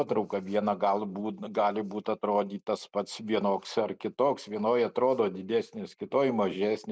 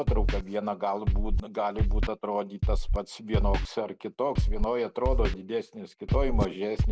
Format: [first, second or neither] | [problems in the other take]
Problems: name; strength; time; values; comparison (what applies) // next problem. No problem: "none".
first | background sound (Scratching (performance technique)); 4 dB above the speech